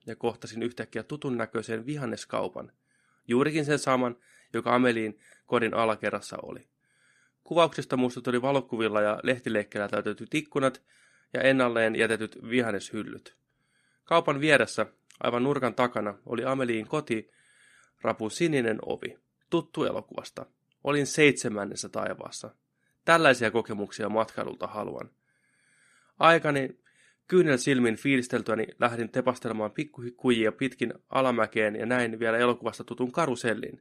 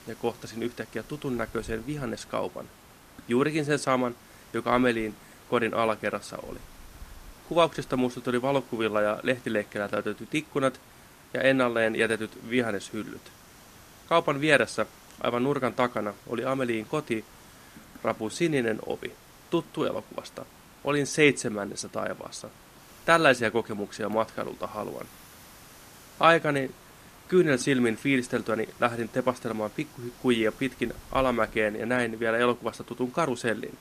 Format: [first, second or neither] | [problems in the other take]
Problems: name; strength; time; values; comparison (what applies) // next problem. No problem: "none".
first | hiss; faint; throughout; 20 dB below the speech